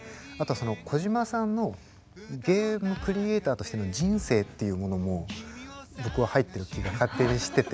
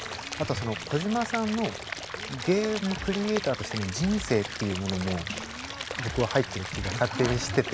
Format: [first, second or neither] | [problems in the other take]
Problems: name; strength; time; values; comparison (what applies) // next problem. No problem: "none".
first | background sound (Stream / Liquid); 8 dB below the speech